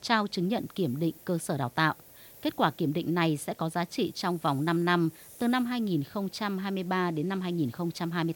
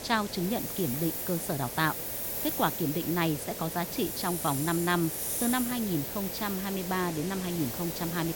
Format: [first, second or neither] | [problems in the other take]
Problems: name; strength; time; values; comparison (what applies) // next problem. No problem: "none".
first | hiss; loud; throughout; 2 dB below the speech; faint in the first